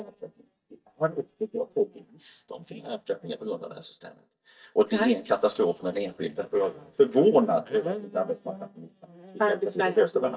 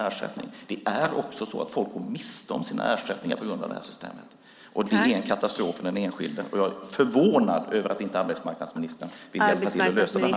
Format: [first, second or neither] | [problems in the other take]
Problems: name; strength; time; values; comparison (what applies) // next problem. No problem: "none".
second | noise reduction (neural mask model DeepFilterNet 3)